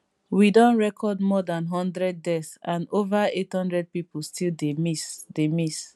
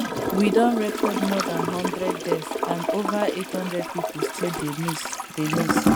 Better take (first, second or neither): first